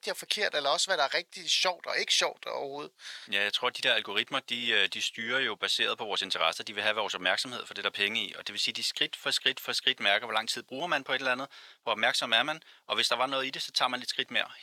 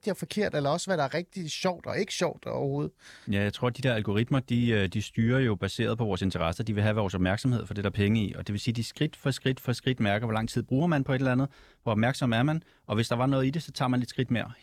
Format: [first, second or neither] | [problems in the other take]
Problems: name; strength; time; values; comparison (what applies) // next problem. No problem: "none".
second | thin; very; fading below 750 Hz